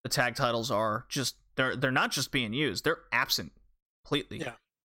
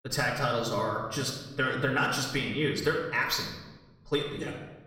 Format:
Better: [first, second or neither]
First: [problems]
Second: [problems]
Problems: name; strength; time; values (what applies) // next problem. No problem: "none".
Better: first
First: none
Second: off-mic speech; somewhat distant // room echo; noticeable; dies away in 1 s